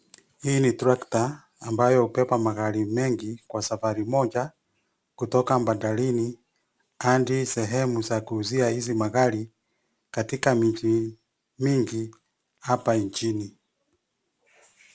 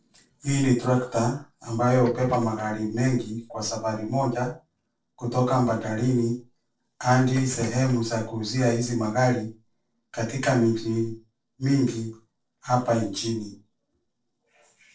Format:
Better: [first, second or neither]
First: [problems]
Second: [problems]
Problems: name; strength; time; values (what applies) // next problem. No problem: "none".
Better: first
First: none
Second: noise reduction (neural separator model SepFormer DNS4)